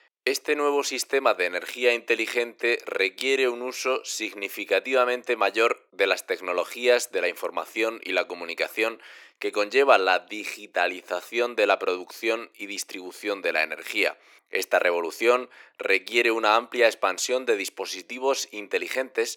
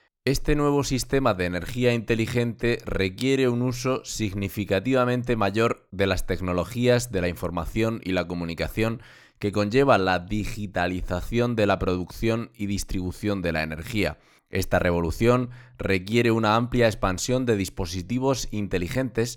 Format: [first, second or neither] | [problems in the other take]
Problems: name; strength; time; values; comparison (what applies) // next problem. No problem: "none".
second | thin; very; fading below 350 Hz